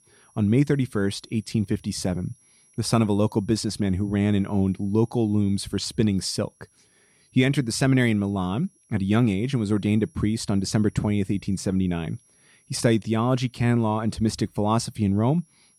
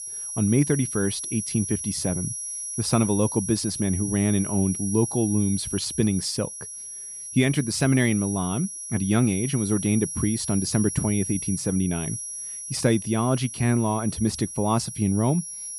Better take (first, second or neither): first